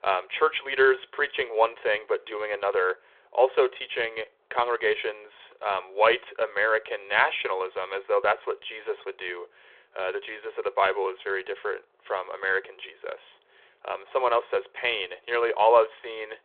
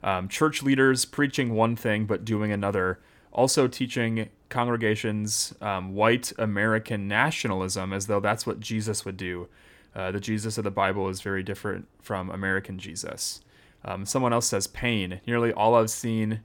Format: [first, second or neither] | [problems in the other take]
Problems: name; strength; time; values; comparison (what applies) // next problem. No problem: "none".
second | phone-call audio